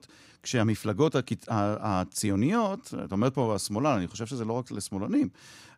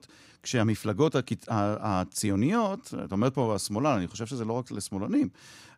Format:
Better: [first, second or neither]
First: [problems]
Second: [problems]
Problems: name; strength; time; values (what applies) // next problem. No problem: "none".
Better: neither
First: none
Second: none